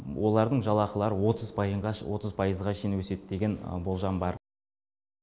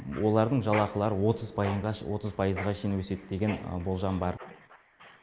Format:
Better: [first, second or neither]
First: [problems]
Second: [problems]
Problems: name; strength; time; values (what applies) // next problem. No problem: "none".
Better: first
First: none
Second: background sound (Mechanisms); 15 dB below the speech